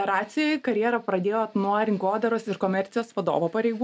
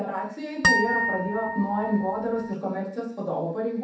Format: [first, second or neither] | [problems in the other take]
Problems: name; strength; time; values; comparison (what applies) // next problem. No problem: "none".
first | background sound (Harp); 1 dB above the speech // room echo; dies away in 0.7 s